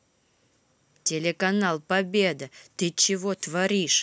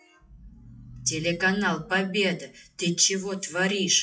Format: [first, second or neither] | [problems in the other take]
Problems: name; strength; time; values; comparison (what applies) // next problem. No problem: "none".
first | noise reduction (classical method WPE with log-MMSE)